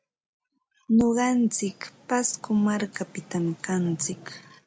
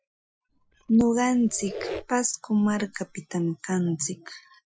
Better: first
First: none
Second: noise reduction (classical method Wiener filter)

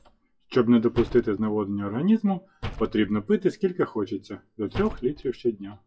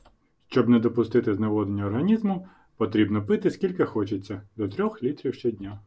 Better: second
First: noise reduction (classical method WPE with log-MMSE)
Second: none

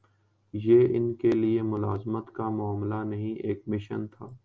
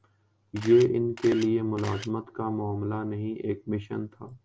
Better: first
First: none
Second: background sound (Camera); 15 dB below the speech

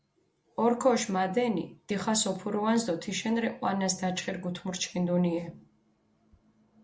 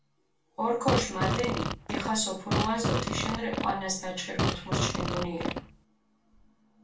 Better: first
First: none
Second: background sound (Fart); 2 dB above the speech // room echo; dies away in 0.2 s

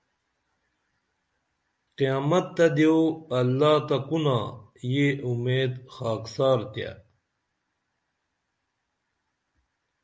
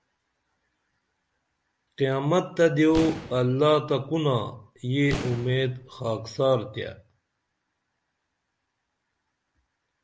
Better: first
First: none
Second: background sound (Boom); 11 dB below the speech

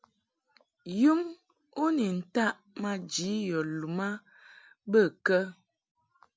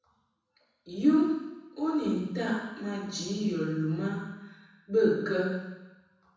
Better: first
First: none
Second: room echo; dies away in 1.1 s

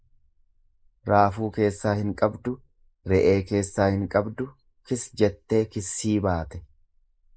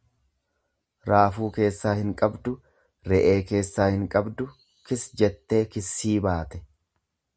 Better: second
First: noise reduction (neural mask model Resemble Enhance denoiser)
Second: none

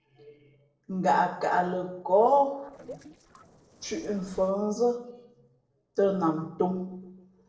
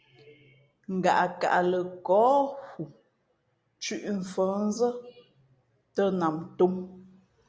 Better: second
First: noise reduction (neural separator model SepFormer DNS4)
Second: none

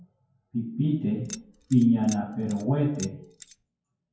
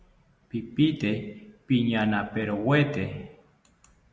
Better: second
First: noise reduction (classical method WPE with log-MMSE)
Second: none

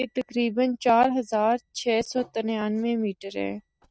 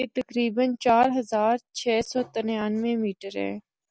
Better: second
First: noise reduction (neural mask model RNNoise)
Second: none

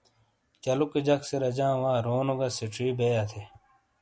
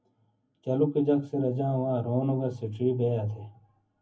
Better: first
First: none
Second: room echo; dies away in 0.3 s

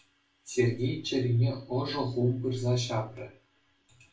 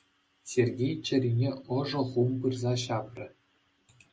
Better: second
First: room echo; dies away in 0.3 s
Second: none

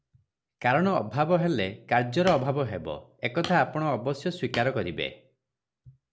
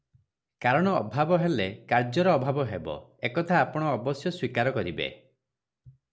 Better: second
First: background sound (Hammer); 16 dB below the speech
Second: none

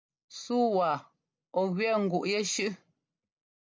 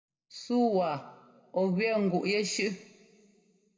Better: first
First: none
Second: room echo; dies away in 1.1 s

